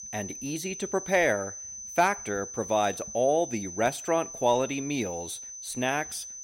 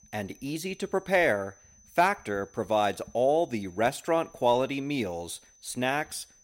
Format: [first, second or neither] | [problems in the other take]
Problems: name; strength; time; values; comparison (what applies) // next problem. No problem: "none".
second | high-pitched whine; loud; throughout; 6 kHz, 9 dB below the speech; faint in the second